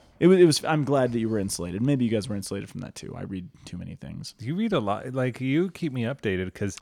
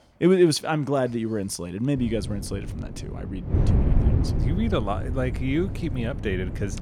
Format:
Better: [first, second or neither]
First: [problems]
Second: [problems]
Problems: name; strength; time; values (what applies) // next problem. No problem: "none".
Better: first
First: none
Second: wind noise on the microphone; occasional gusts; from 2 s on; 10 dB below the speech